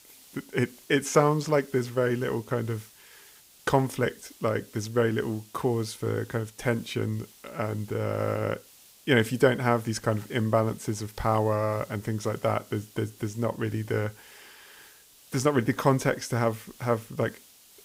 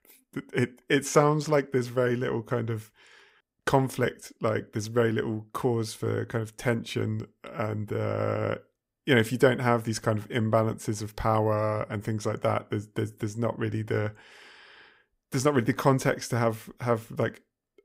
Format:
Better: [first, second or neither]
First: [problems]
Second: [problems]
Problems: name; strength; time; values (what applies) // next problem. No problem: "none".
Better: second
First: hiss; faint; throughout; 25 dB below the speech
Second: none